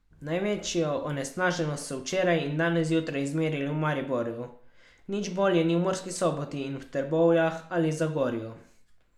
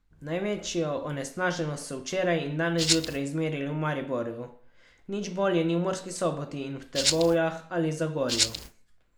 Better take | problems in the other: first | background sound (Rattle (instrument)); as loud as the speech

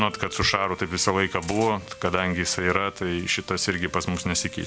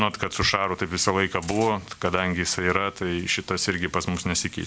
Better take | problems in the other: second | background sound (Bowed string instrument); 20 dB below the speech

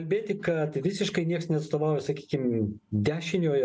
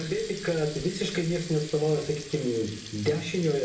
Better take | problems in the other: first | background sound (Water tap, faucet); 14 dB below the speech // room echo; dies away in 0.6 s

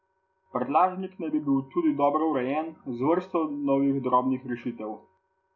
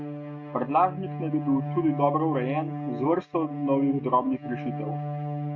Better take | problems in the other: first | noise reduction (neural mask model RNNoise)

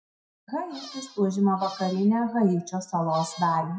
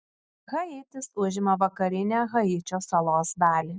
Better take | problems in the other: second | noise reduction (classical method WPE with log-MMSE)

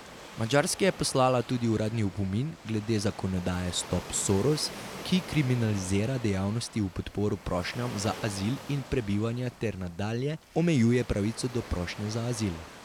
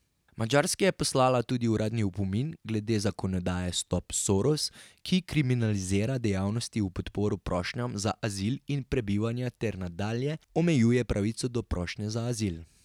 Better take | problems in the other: second | background sound (Waves, surf); 15 dB below the speech

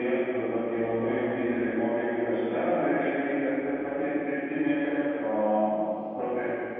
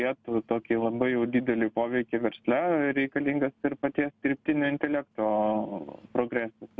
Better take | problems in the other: second | room echo; dies away in 2.2 s

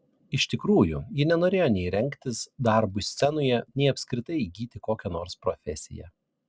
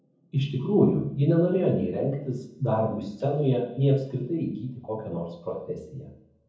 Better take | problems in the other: first | room echo; dies away in 0.7 s

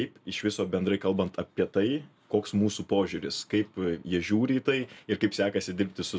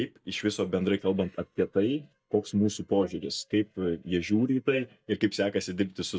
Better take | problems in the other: first | noise reduction (neural mask model DeepFilterNet 3)

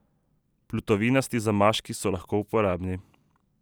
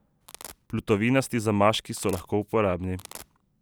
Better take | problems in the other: first | background sound (Domestic sounds, home sounds); 18 dB below the speech

